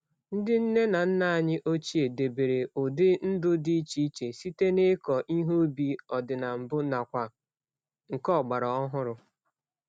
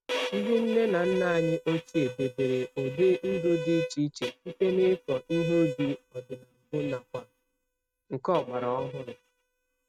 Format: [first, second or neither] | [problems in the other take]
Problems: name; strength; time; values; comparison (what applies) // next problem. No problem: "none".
first | noise reduction (neural mask model RNNoise)